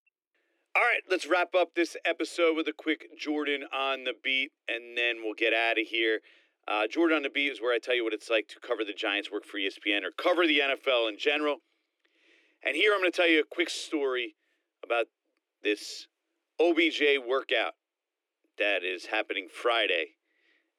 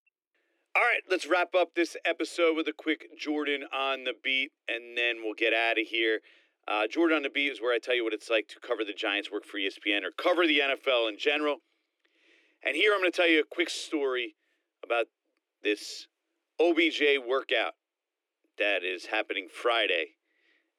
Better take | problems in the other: neither | thin; somewhat; fading below 300 Hz; the same in both

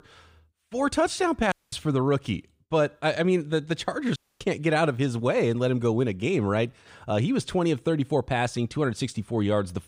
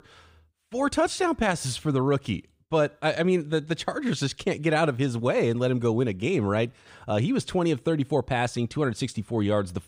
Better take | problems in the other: second | audio cutting out; at 1.5 s and at 4 s

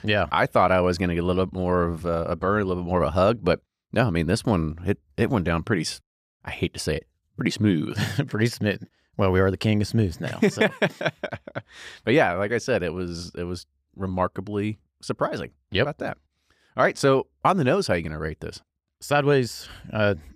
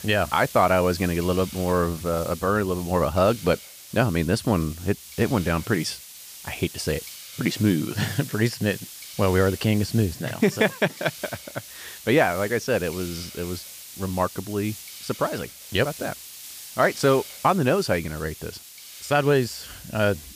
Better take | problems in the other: first | hiss; noticeable; throughout; 15 dB below the speech

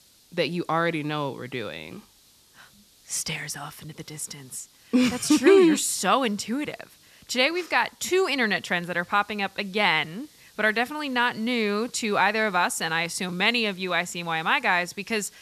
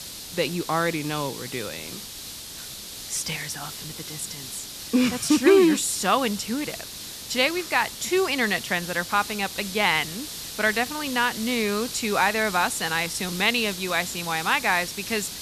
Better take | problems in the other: first | hiss; loud; throughout; 10 dB below the speech; faint in the first

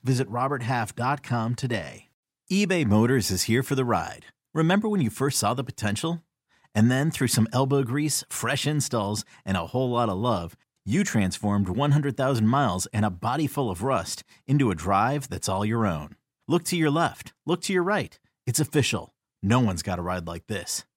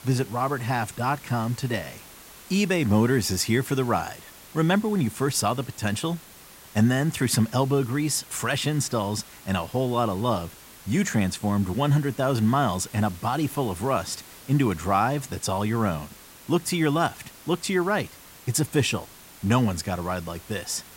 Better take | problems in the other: first | hiss; noticeable; throughout; 20 dB below the speech

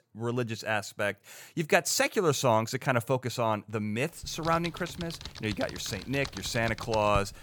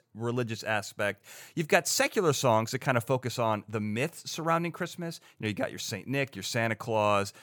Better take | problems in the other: second | keyboard typing; noticeable; from 4 s on; peak 9 dB below the speech

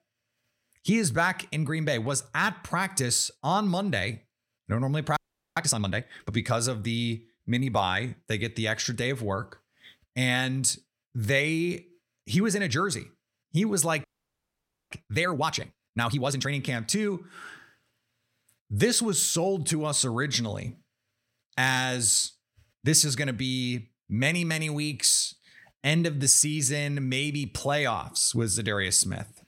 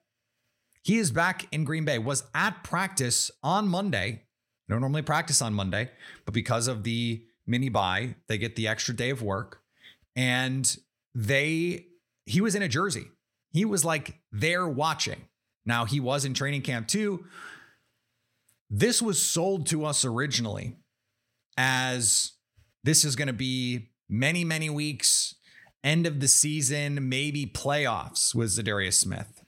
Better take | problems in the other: second | audio freezing; at 5 s and at 14 s for 1 s

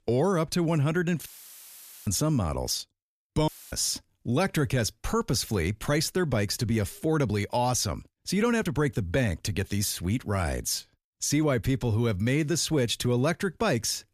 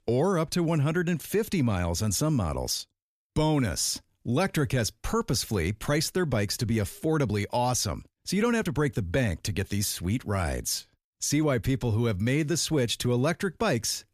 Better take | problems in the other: second | audio cutting out; filled with static; at 1.5 s for 1 s and at 3.5 s

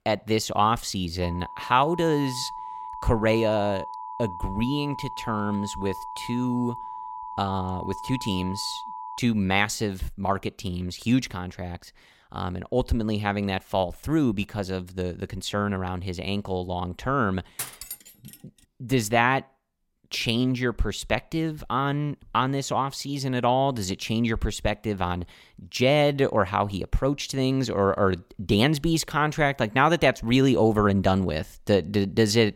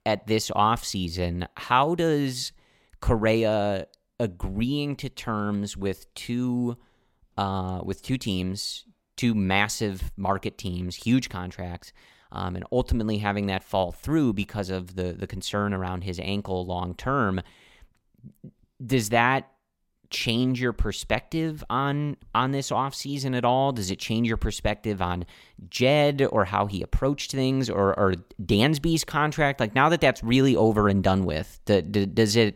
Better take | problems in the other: second | alarm; faint; from 1 to 9 s; peak 10 dB below the speech // clattering dishes; noticeable; at 18 s; peak 8 dB below the speech

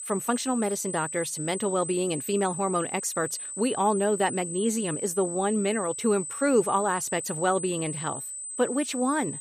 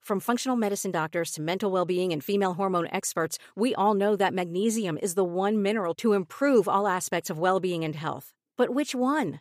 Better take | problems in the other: second | high-pitched whine; loud; throughout; 8 kHz, 6 dB below the speech

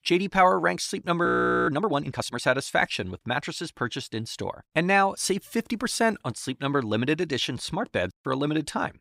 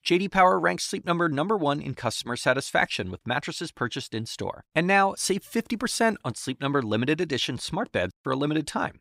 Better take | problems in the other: second | audio freezing; at 1.5 s

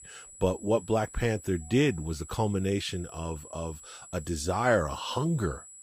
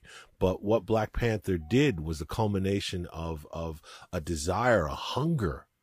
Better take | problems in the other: second | high-pitched whine; noticeable; throughout; 7.5 kHz, 15 dB below the speech

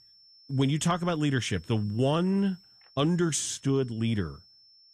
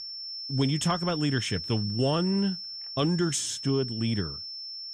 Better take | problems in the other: first | high-pitched whine; loud; throughout; 5.5 kHz, 7 dB below the speech; faint in the first

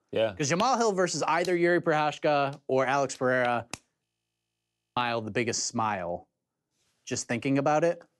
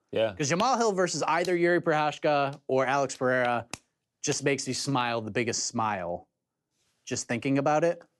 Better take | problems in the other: second | audio freezing; at 4 s for 1 s

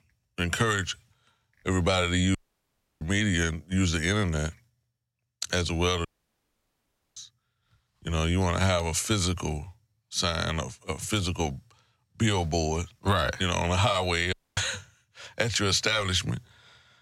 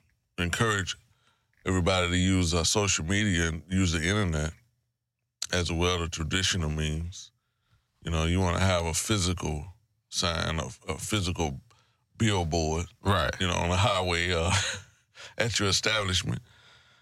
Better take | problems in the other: second | audio cutting out; at 2.5 s for 0.5 s, at 6 s for 1 s and at 14 s

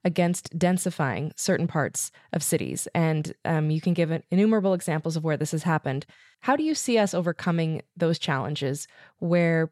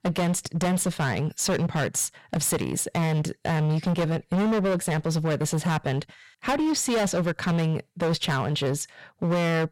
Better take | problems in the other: first | distortion; heavy; 23% of the sound clipped

